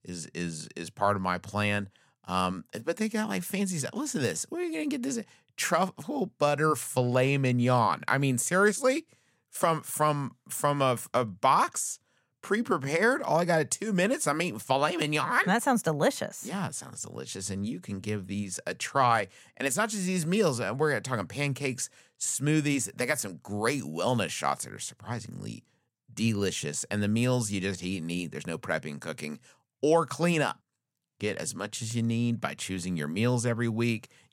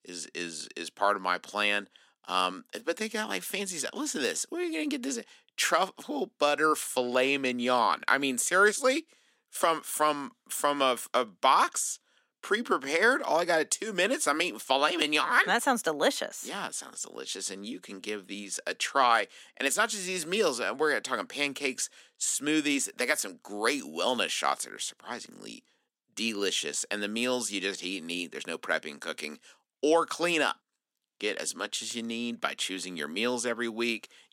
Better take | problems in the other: first | thin; somewhat; fading below 300 Hz

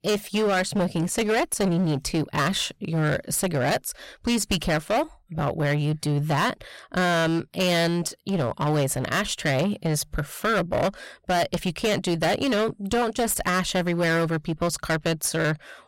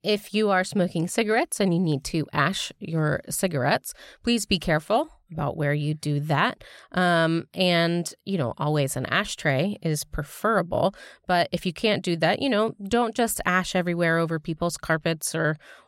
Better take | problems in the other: second | distortion; heavy; 15% of the sound clipped

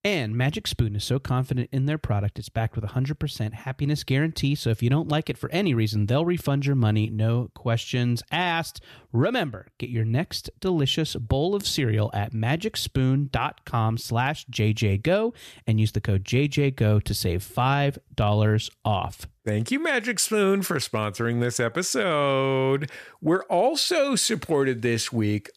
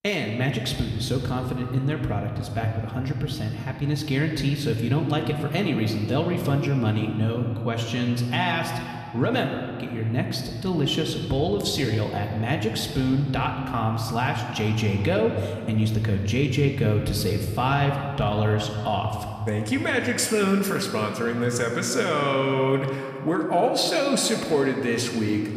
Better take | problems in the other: first | room echo; slight; dies away in 2.2 s

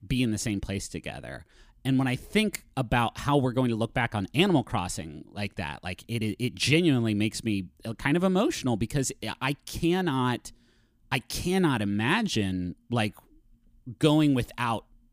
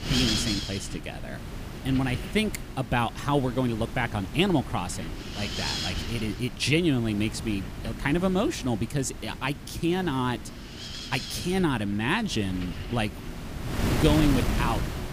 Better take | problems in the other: first | wind noise on the microphone; heavy; 6 dB below the speech

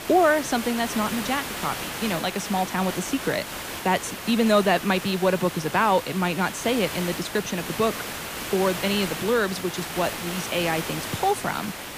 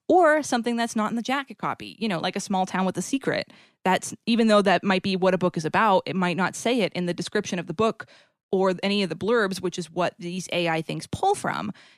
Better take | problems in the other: second | hiss; loud; throughout; 7 dB below the speech

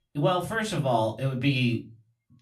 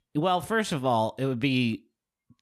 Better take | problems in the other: second | off-mic speech; far // room echo; very slight; dies away in 0.2 s

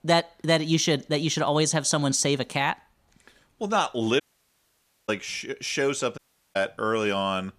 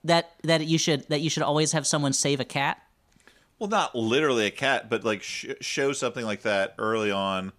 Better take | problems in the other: second | audio cutting out; at 4 s for 1 s and at 6 s

